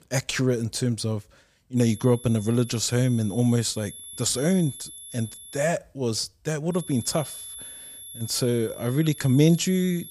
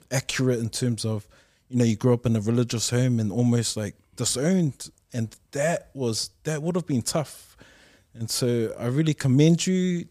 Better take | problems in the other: second | high-pitched whine; noticeable; from 2 to 5.5 s and from 6.5 s on; 11 kHz, 15 dB below the speech

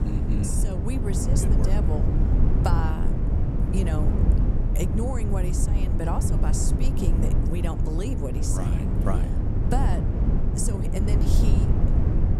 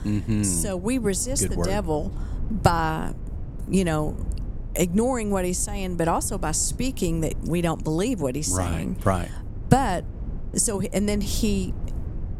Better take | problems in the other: second | low rumble; loud; throughout; 1 dB below the speech; faint in the second

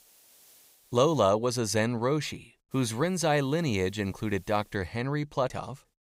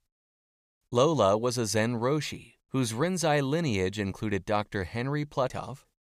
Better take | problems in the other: second | hiss; faint; until 1.5 s and from 2.5 to 5 s; 30 dB below the speech

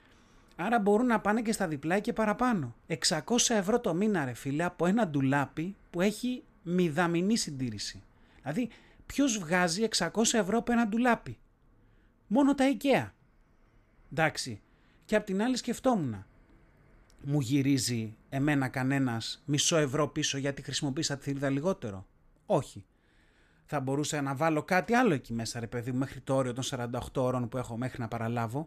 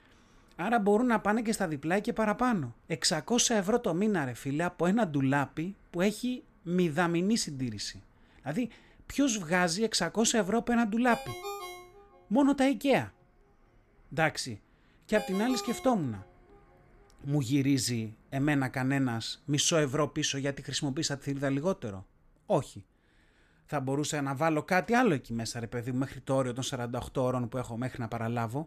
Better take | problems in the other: first | phone ringing; noticeable; from 11 to 16 s; peak 9 dB below the speech

